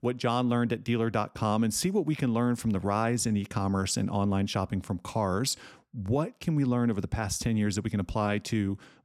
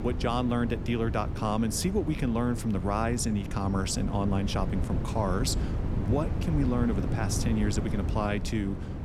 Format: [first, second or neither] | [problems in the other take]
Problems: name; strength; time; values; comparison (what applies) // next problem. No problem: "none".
first | wind noise on the microphone; heavy; 9 dB below the speech